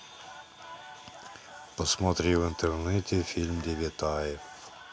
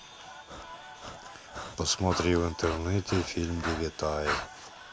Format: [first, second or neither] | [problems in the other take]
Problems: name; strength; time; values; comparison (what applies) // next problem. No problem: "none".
first | background sound (Breathing); 9 dB below the speech